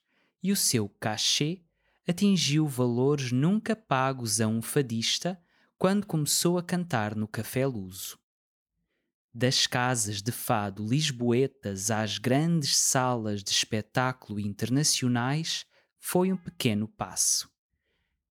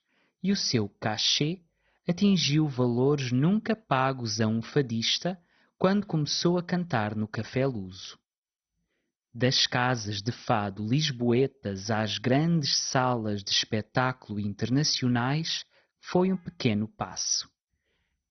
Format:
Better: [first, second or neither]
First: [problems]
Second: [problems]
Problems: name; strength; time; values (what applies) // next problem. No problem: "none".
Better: first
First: none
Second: garbled, watery; badly; nothing above 6 kHz